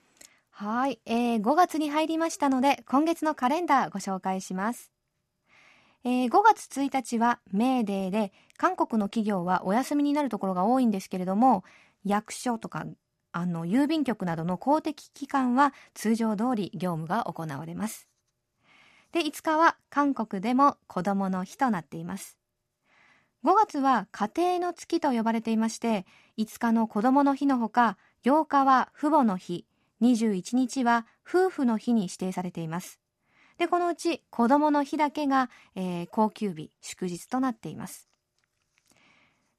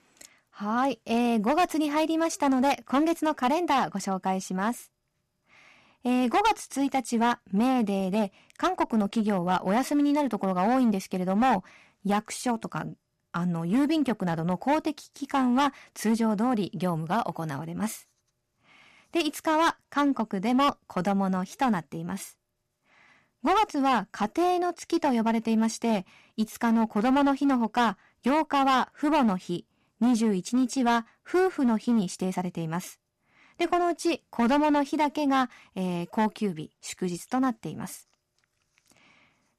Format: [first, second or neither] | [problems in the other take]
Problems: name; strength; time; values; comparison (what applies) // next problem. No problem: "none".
first | distortion; slight; 7% of the sound clipped